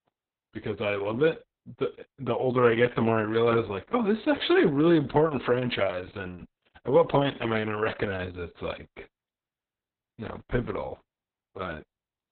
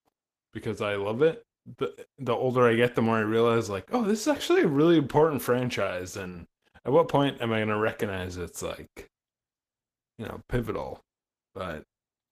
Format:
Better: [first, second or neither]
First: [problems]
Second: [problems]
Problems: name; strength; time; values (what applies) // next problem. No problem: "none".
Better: second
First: garbled, watery; badly; nothing above 4 kHz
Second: garbled, watery; slightly; nothing above 14.5 kHz